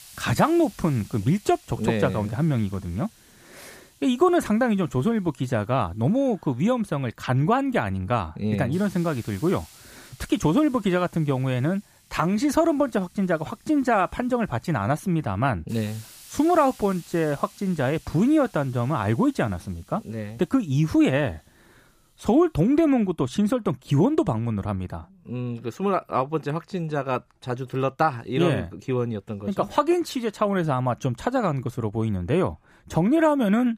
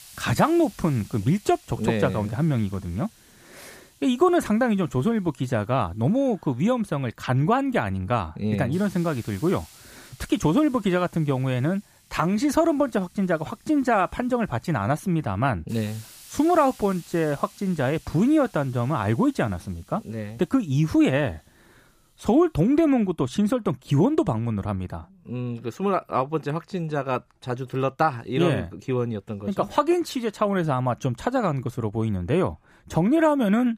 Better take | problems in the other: neither | hiss; faint; until 23 s; 25 dB below the speech; the same in both

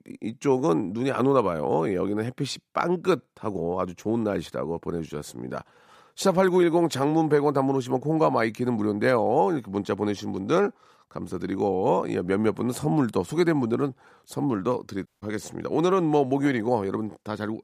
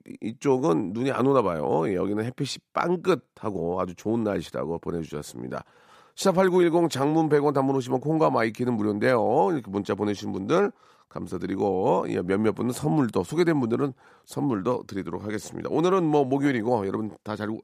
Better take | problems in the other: second | audio cutting out; at 15 s

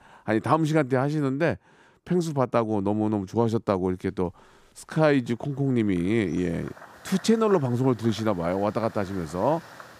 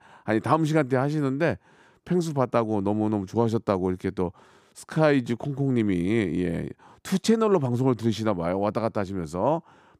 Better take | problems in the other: second | animal sounds; faint; throughout; 20 dB below the speech

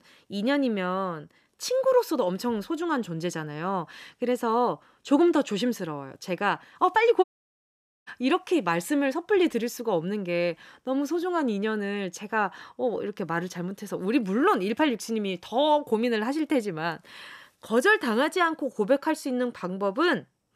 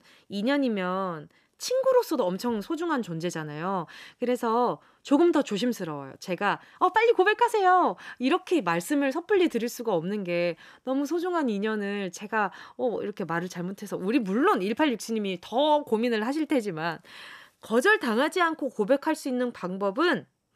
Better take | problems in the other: second | audio cutting out; at 7 s for 1 s

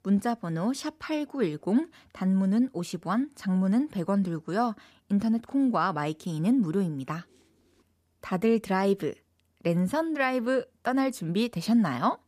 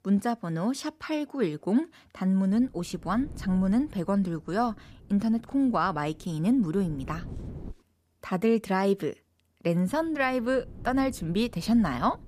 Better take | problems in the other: first | wind noise on the microphone; occasional gusts; from 2.5 to 7.5 s and from 10 s on; 25 dB below the speech

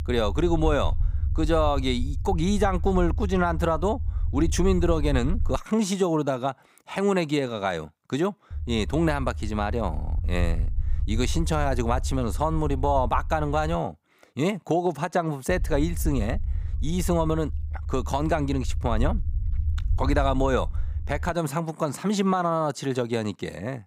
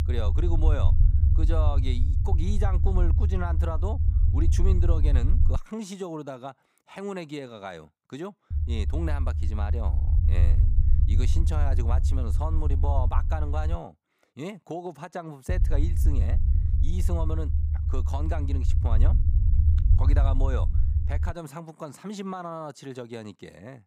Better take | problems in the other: first | low rumble; loud; until 5.5 s, from 8.5 to 14 s and from 15 to 21 s; 6 dB below the speech; faint in the first

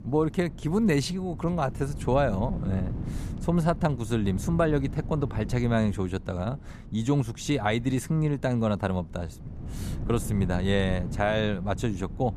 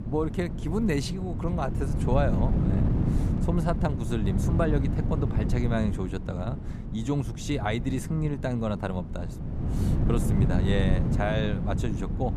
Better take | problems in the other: first | wind noise on the microphone; heavy; 6 dB below the speech; occasional gusts in the first

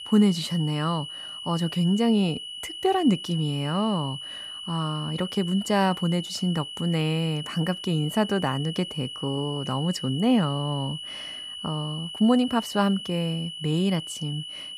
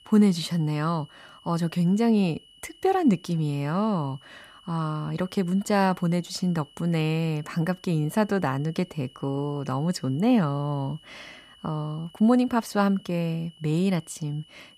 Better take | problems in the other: second | high-pitched whine; loud; throughout; 3 kHz, 9 dB below the speech; faint in the second

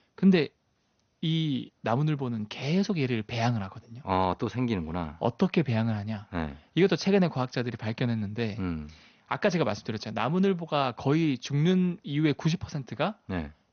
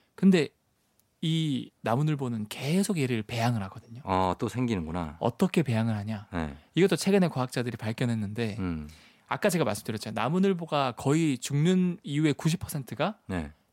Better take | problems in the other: second | garbled, watery; slightly; nothing above 6.5 kHz

